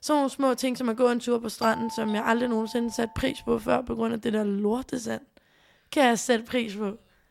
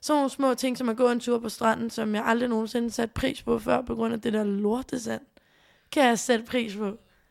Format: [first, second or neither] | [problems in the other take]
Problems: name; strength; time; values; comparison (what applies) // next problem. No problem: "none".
second | doorbell; noticeable; from 1.5 to 3 s; peak 9 dB below the speech